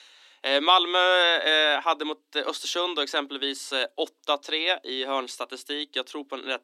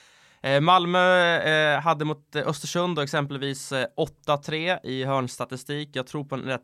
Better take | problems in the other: second | thin; somewhat; fading below 300 Hz

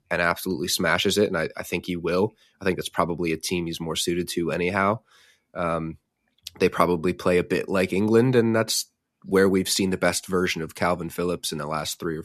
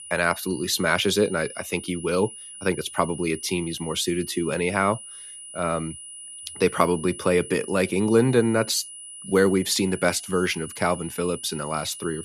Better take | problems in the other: first | high-pitched whine; noticeable; throughout; 10 kHz, 15 dB below the speech

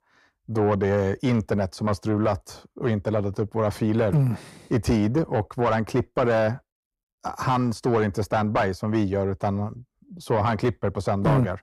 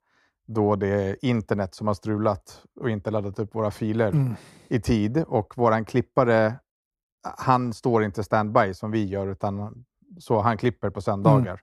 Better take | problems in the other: second | distortion; heavy; 7 dB below the speech

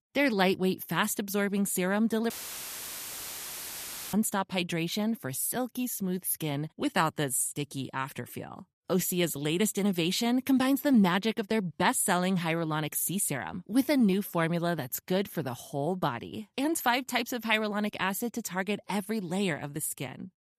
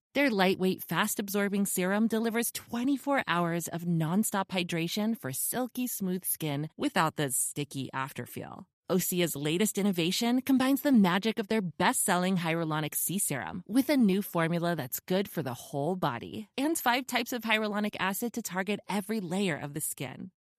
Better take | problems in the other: second | audio cutting out; filled with static; at 2.5 s for 2 s

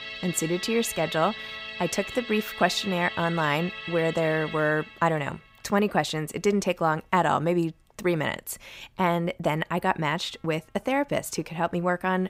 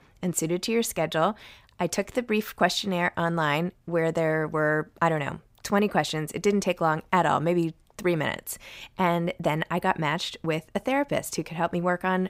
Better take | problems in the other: second | background music; loud; throughout; 9 dB below the speech

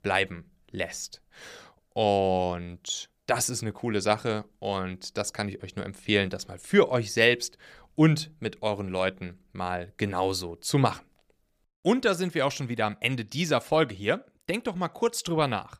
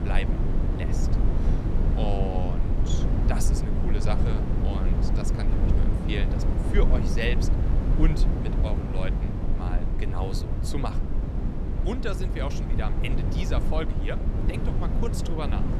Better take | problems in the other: first | wind noise on the microphone; heavy; 2 dB below the speech

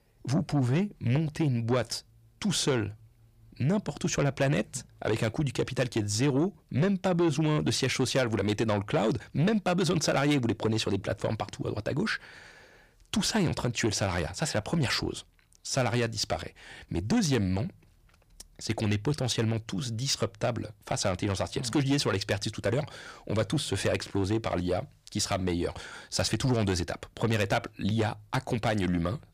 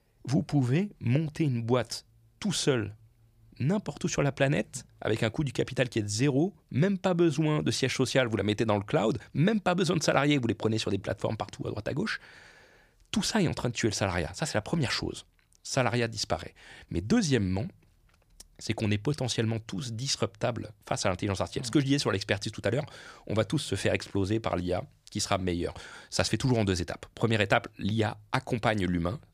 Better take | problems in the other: second | distortion; slight; 10 dB below the speech

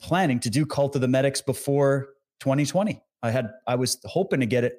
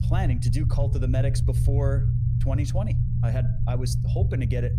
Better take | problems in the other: first | low rumble; loud; throughout; 2 dB below the speech

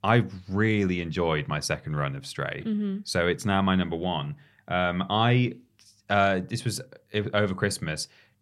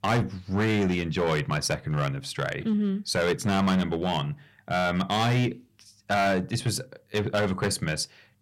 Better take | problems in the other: first | distortion; heavy; 8% of the sound clipped

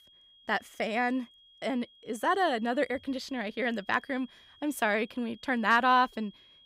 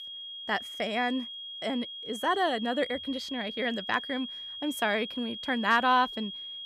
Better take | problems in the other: first | high-pitched whine; loud; throughout; 3.5 kHz, 8 dB below the speech; faint in the first

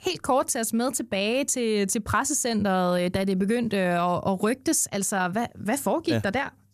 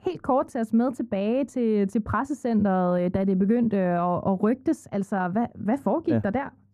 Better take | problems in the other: first | muffled; very; fading above 2.5 kHz

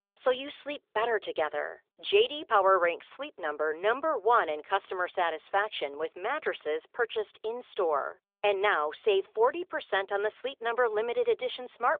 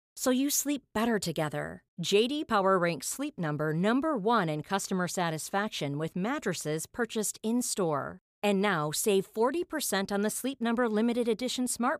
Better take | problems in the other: second | phone-call audio; nothing above 3.5 kHz

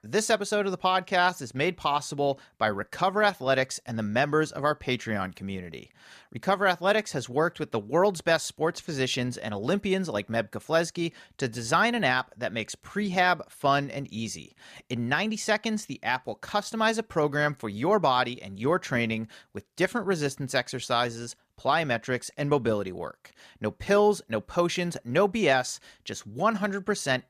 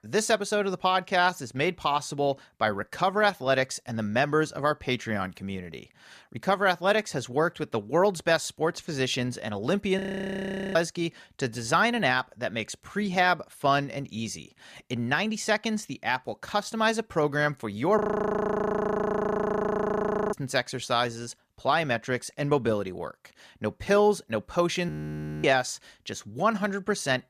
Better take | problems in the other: first | audio freezing; at 10 s for 1 s, at 18 s for 2.5 s and at 25 s for 0.5 s

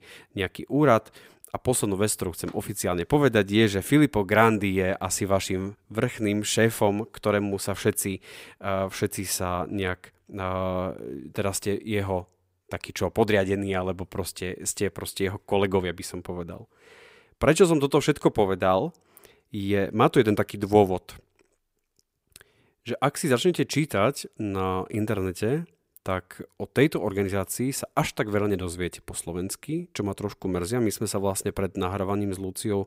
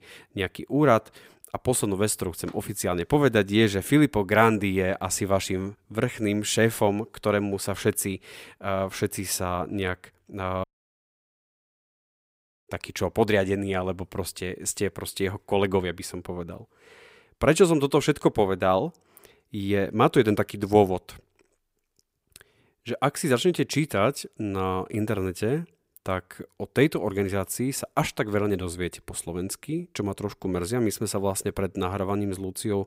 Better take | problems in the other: first | audio cutting out; at 11 s for 2 s

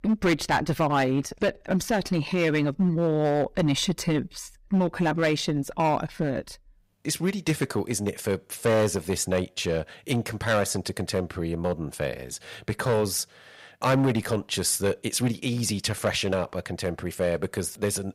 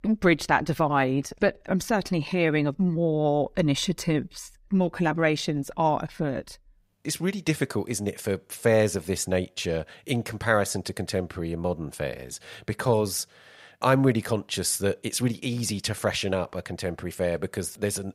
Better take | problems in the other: second | distortion; slight; 5% of the sound clipped

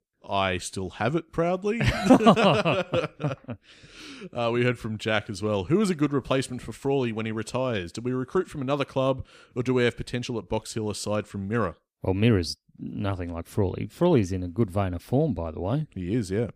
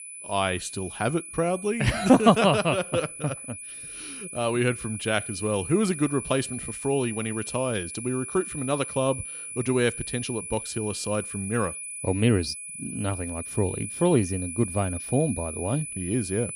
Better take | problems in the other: first | high-pitched whine; loud; throughout; 10 kHz, 8 dB below the speech

